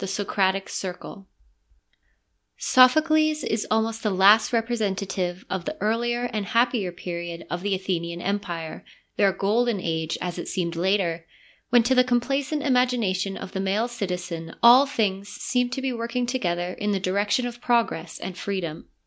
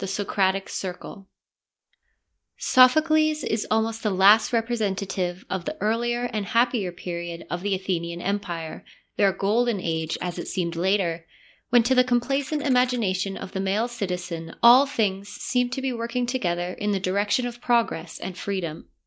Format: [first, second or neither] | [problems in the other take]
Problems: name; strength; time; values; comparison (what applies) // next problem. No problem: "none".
first | noise reduction (neural mask model Resemble Enhance denoiser)